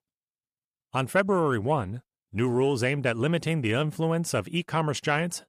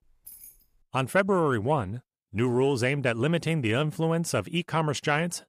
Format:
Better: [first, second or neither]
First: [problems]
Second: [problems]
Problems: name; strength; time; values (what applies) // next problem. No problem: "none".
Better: first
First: none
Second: jangling keys; faint; at the start; peak 20 dB below the speech